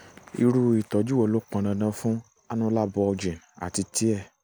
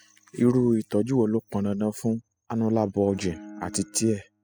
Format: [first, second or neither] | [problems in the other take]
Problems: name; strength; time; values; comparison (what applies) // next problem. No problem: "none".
first | noise reduction (classical method spectral subtraction)